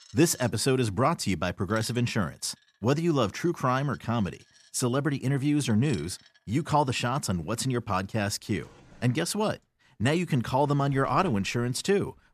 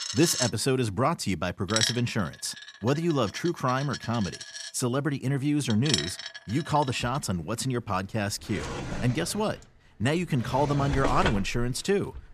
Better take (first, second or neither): first